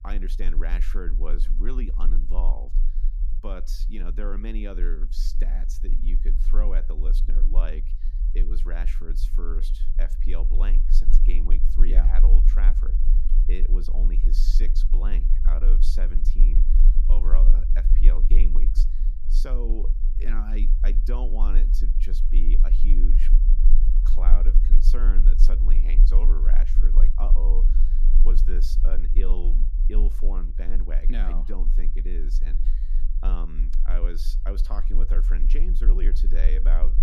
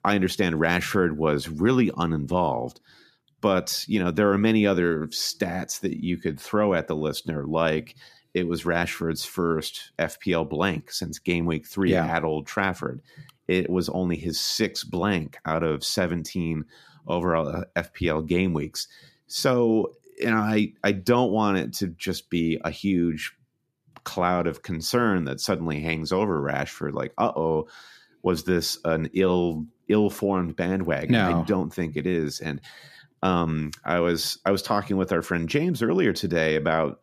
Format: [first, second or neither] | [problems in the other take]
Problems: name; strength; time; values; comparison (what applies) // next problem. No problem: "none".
second | low rumble; loud; throughout; 9 dB below the speech